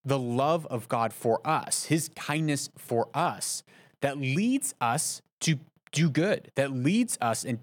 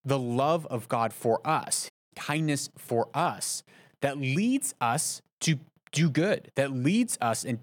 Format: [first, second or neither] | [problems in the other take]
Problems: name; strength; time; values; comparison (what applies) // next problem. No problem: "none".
first | audio cutting out; at 2 s